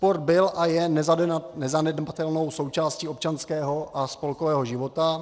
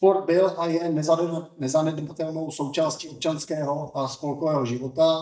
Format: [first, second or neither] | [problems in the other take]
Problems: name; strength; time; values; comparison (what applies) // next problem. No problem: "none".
first | noise reduction (neural mask model DeepFilterNet 3)